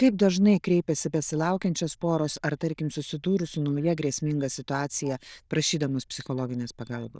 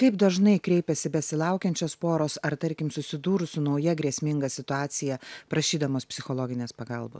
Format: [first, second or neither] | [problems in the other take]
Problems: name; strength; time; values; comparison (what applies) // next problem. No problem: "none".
second | noise reduction (neural diffusion model UNIVERSE++)